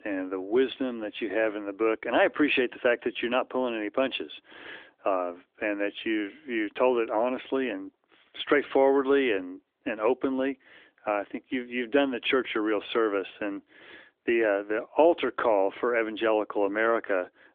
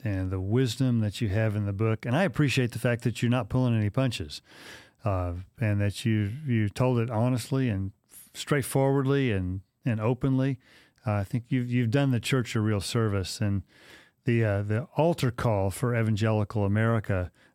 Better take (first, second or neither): second